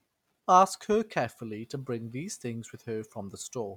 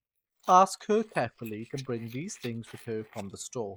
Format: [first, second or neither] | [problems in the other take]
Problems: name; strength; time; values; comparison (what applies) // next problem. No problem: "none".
first | noise reduction (neural mask model Resemble Enhance denoiser)